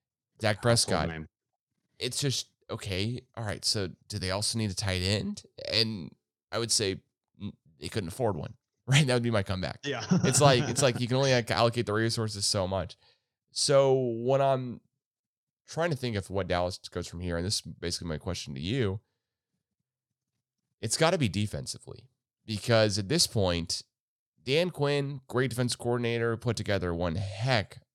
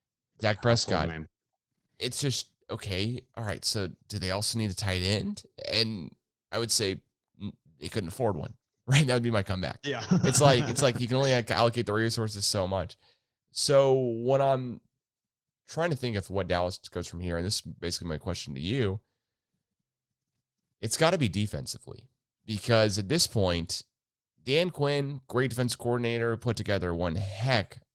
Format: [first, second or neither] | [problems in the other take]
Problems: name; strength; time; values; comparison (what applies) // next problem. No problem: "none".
first | garbled, watery; slightly; nothing above 15.5 kHz